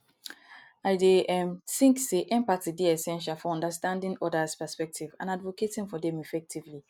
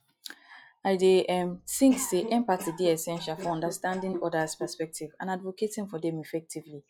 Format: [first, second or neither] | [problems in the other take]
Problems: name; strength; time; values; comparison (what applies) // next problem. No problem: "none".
first | noise reduction (classical method log-MMSE)